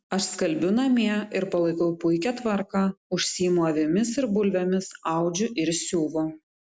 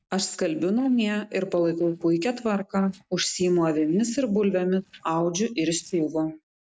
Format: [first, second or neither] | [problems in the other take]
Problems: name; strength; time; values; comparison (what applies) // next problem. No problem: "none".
first | noise reduction (neural mask model DeepFilterNet 3)